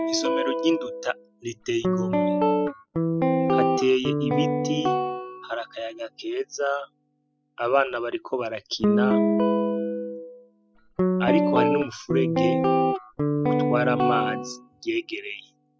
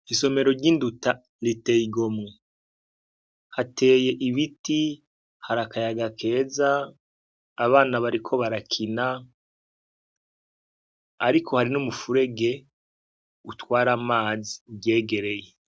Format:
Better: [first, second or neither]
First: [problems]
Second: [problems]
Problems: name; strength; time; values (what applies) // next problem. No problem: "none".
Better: second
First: noise reduction (classical method spectral subtraction)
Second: none